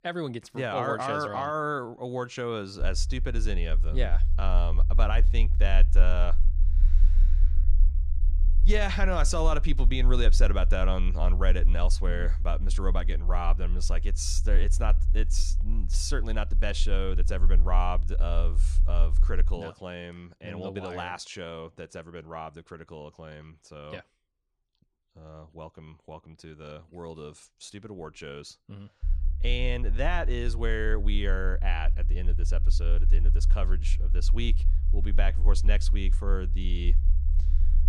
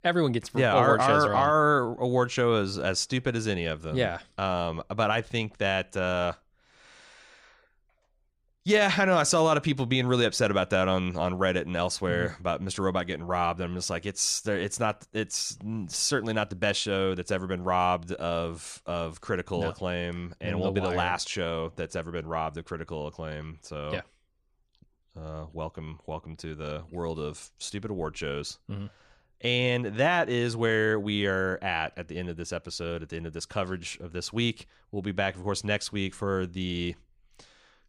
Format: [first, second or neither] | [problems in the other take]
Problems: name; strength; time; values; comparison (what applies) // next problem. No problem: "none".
second | low rumble; noticeable; from 3 to 20 s and from 29 s on; 15 dB below the speech